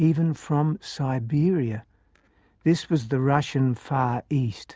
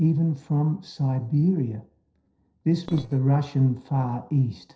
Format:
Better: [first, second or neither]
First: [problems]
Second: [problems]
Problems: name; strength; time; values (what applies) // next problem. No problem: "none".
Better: first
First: none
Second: noise reduction (neural separator model SepFormer DNS4)